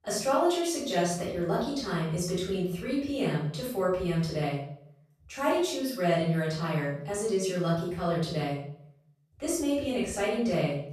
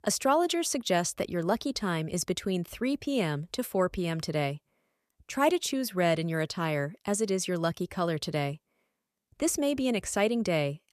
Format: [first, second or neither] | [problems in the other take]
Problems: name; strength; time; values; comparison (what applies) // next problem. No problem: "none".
second | off-mic speech; far // room echo; noticeable; dies away in 0.6 s